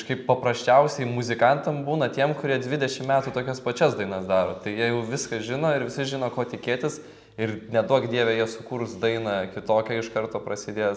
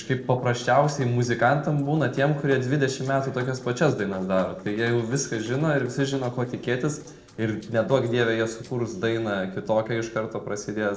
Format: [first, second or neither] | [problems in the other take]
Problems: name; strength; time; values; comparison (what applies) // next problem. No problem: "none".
first | noise reduction (neural separator model SepFormer DNS4)